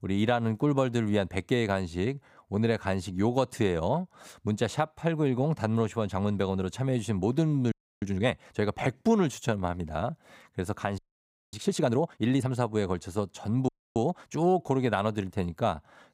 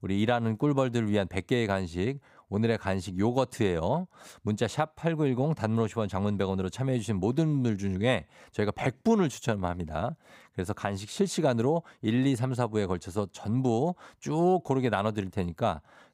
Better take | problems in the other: second | audio freezing; at 7.5 s, at 11 s for 0.5 s and at 14 s

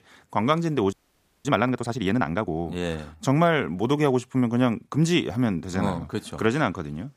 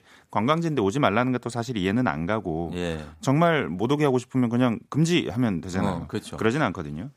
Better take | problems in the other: second | audio freezing; at 1 s for 0.5 s

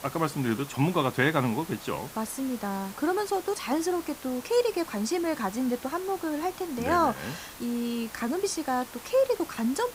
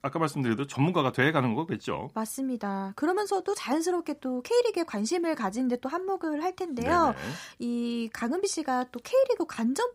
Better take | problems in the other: second | hiss; noticeable; throughout; 15 dB below the speech

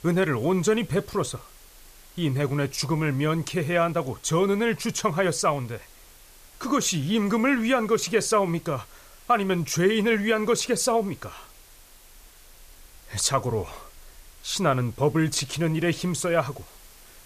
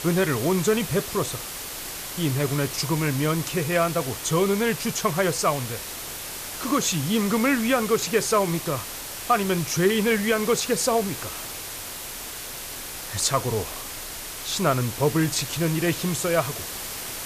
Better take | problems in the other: first | hiss; loud; throughout; 8 dB below the speech; faint in the first

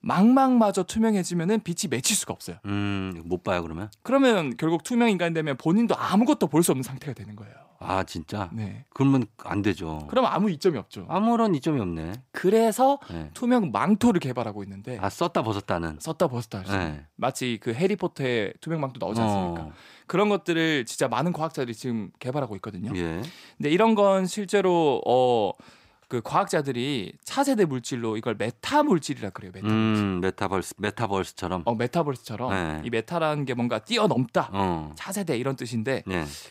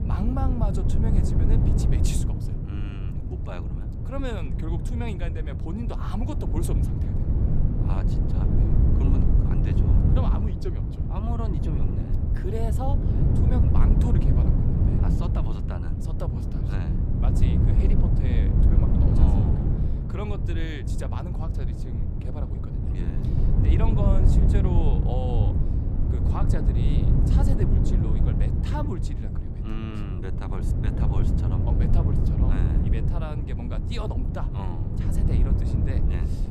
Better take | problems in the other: first | wind noise on the microphone; heavy; 2 dB above the speech

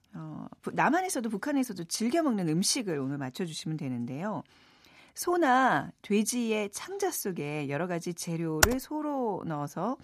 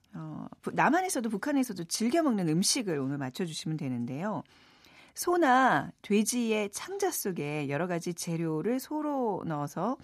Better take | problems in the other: second | keyboard typing; very faint; at 8.5 s; peak 4 dB above the speech

